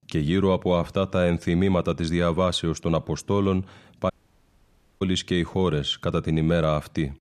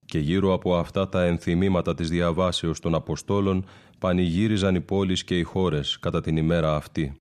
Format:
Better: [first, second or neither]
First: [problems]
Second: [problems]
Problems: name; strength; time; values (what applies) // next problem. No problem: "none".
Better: second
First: audio cutting out; at 4 s for 1 s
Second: none